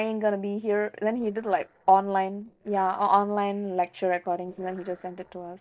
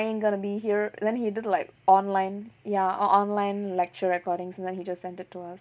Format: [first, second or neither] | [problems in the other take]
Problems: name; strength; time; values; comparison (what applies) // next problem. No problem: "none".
second | noise reduction (neural separator model SepFormer DNS4)